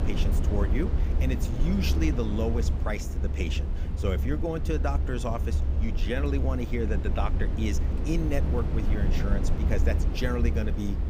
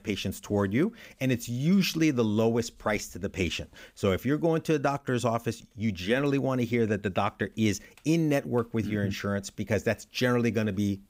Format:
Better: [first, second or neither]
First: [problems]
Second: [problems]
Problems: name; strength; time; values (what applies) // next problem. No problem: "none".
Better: second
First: low rumble; loud; throughout; 6 dB below the speech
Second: none